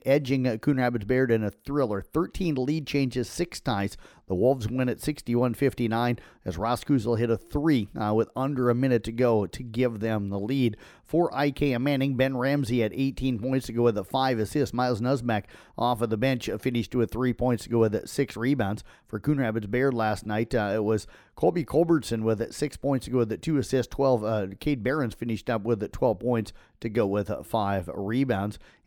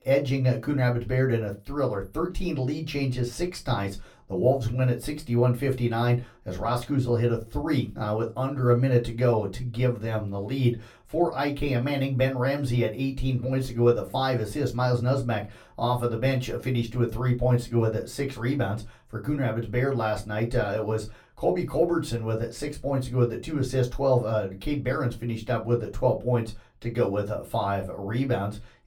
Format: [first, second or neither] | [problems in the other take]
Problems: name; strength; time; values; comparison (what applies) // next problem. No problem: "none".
first | off-mic speech; far // room echo; very slight; dies away in 0.2 s